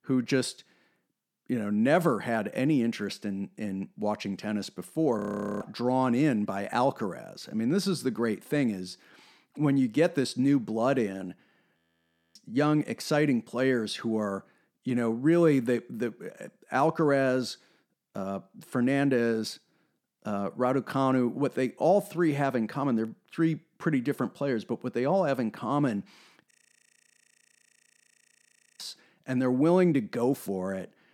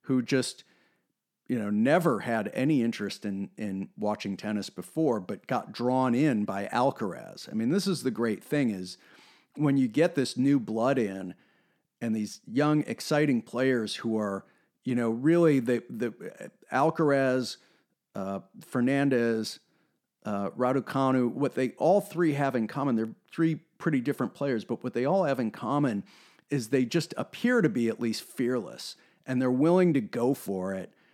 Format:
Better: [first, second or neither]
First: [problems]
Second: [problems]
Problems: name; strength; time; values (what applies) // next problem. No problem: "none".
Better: second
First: audio freezing; at 5 s, at 12 s for 0.5 s and at 27 s for 2.5 s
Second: none